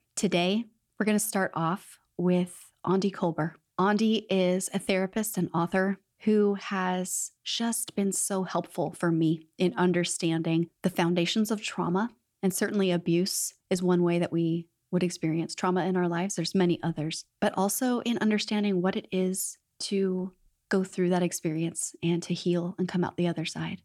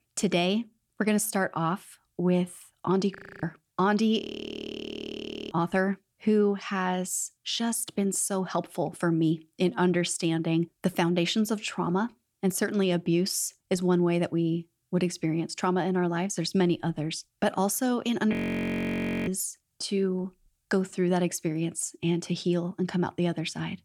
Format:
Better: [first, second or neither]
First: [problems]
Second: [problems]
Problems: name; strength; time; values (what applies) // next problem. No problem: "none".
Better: first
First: none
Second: audio freezing; at 3 s, at 4 s for 1.5 s and at 18 s for 1 s